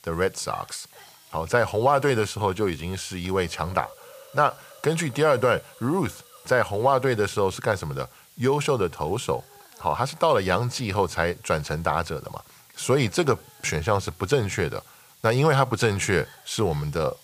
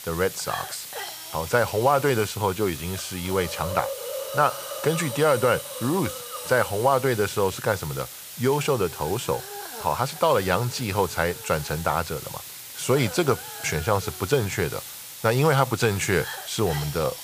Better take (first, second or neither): first